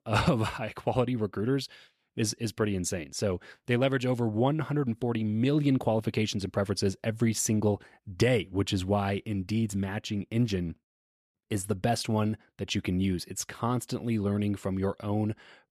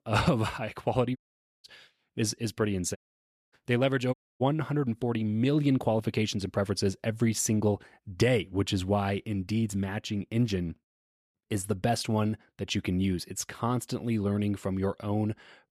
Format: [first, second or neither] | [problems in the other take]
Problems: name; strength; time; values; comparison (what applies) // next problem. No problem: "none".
first | audio cutting out; at 1 s, at 3 s for 0.5 s and at 4 s